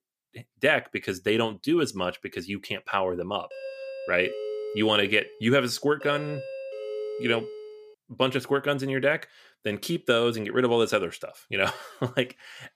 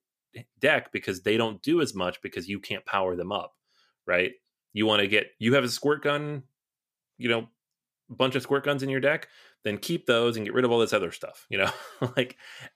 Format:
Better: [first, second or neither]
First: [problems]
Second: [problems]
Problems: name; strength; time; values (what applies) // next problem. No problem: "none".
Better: second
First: doorbell; noticeable; from 3.5 to 8 s; peak 7 dB below the speech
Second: none